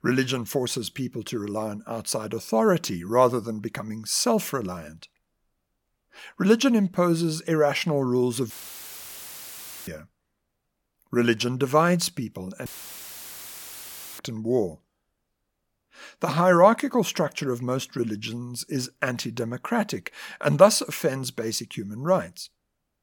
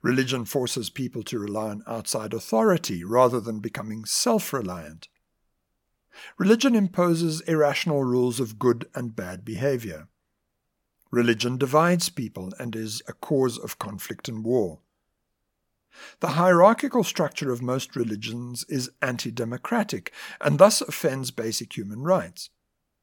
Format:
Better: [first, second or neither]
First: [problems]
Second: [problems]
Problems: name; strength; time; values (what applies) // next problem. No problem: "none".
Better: second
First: audio cutting out; filled with static; at 8.5 s for 1.5 s and at 13 s for 1.5 s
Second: none